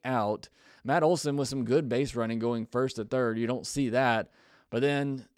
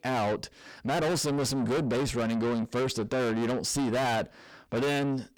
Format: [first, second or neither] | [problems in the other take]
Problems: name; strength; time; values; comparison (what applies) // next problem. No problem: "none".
first | distortion; heavy; 6 dB below the speech